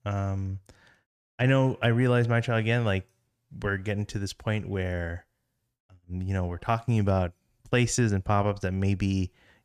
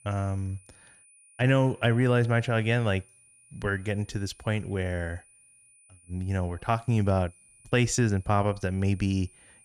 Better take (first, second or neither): first